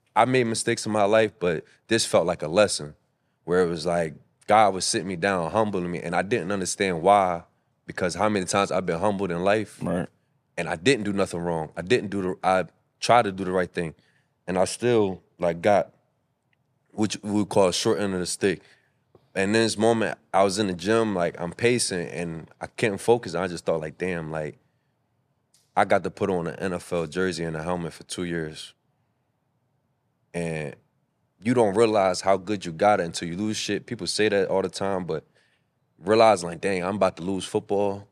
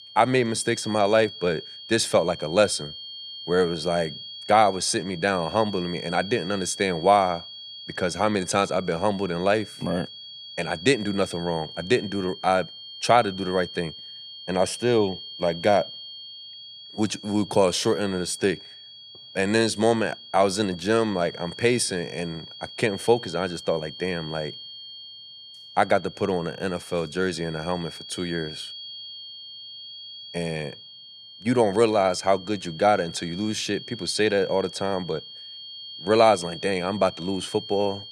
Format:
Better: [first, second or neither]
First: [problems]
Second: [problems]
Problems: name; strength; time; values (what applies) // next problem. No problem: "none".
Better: first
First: none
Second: high-pitched whine; noticeable; throughout; 3.5 kHz, 15 dB below the speech